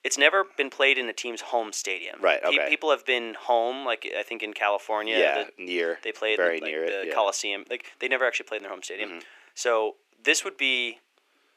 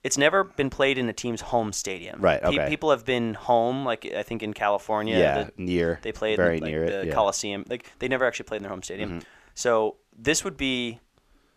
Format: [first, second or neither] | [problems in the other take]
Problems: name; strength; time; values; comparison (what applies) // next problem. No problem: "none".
second | thin; somewhat; fading below 300 Hz